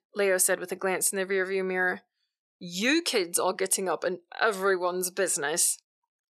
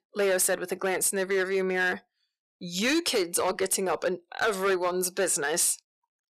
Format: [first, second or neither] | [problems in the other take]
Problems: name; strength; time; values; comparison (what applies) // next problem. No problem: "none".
first | distortion; slight; 8% of the sound clipped